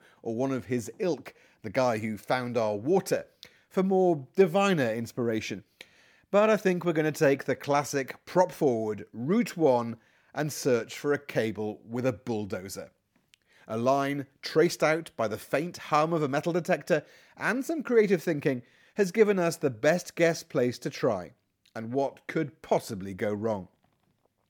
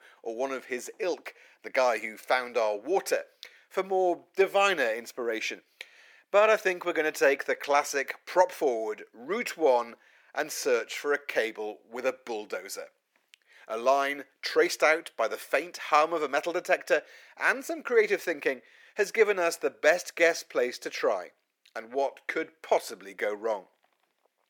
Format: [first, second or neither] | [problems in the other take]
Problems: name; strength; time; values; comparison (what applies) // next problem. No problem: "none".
first | thin; very; fading below 400 Hz